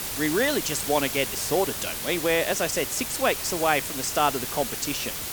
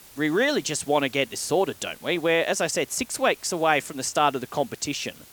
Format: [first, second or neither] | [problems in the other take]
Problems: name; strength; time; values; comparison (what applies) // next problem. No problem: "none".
second | hiss; loud; throughout; 4 dB below the speech; faint in the second